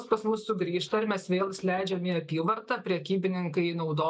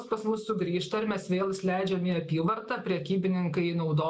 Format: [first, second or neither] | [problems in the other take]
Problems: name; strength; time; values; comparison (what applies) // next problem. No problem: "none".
second | noise reduction (neural mask model DeepFilterNet 3)